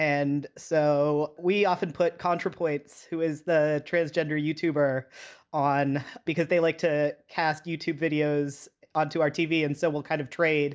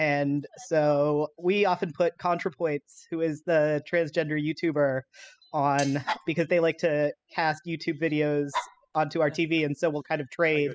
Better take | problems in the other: first | noise reduction (classical method spectral subtraction)

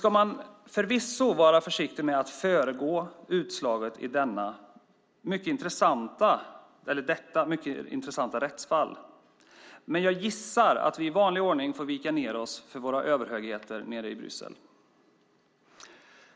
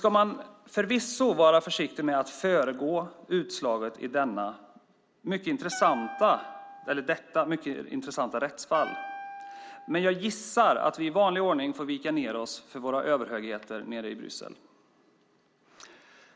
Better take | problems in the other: first | background sound (Wind instrument, woodwind instrument); 13 dB below the speech

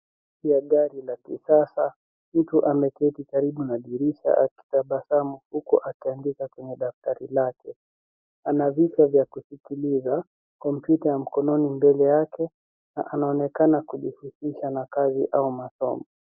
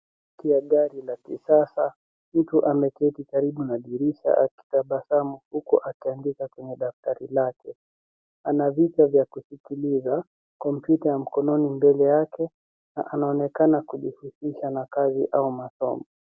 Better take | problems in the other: second | noise reduction (neural mask model Resemble Enhance denoiser)

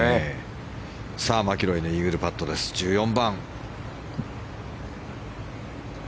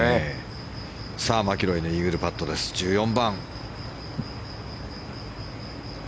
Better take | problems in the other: first | background sound (Cricket); 20 dB below the speech

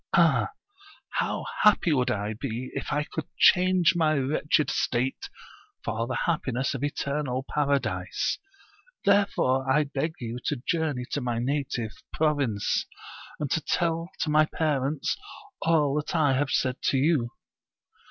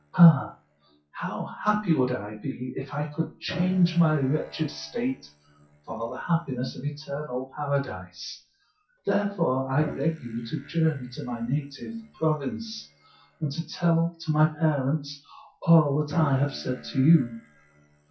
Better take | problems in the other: first | noise reduction (classical method WPE with log-MMSE)

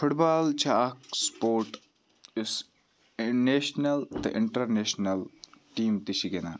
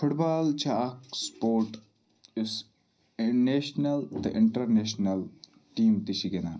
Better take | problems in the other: first | room echo; dies away in 0.5 s

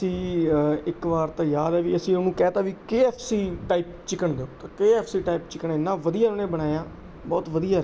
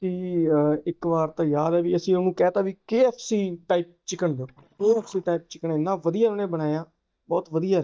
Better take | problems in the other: first | noise reduction (neural mask model DeepFilterNet 3)

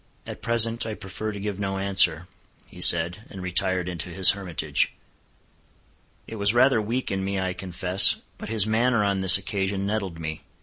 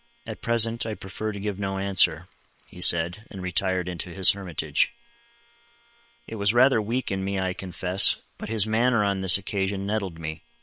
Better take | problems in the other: first | noise reduction (neural separator model SepFormer WHAM!)

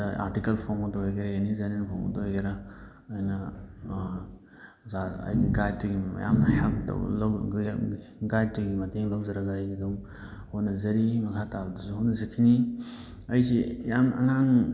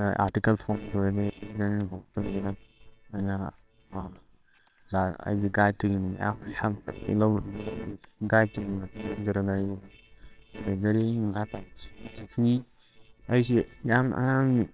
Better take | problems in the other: first | noise reduction (neural separator model SepFormer WHAMR!)

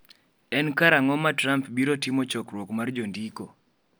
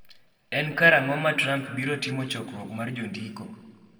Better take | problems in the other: first | room echo; dies away in 1.5 s

